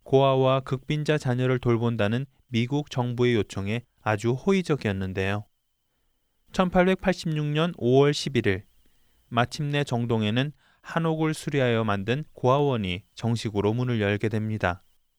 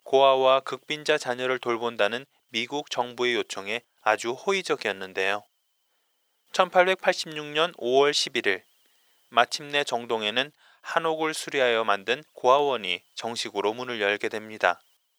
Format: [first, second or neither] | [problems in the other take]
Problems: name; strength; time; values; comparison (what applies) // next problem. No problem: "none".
first | thin; very; fading below 600 Hz